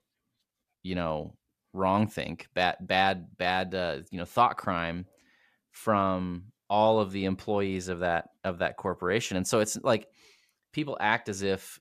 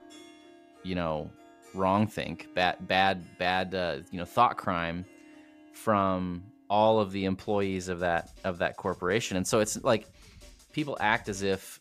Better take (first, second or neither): first